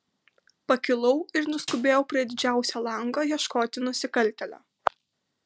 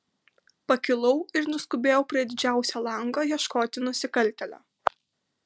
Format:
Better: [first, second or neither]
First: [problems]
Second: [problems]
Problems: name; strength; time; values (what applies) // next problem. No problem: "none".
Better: second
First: background sound (Snare drum); 15 dB below the speech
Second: none